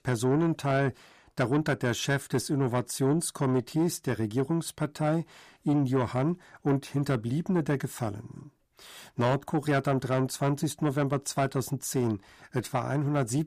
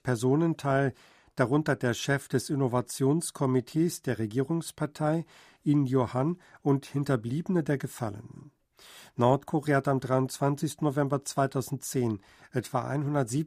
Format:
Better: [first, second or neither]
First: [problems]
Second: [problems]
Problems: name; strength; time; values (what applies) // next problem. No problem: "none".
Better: second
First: distortion; slight; 10 dB below the speech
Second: none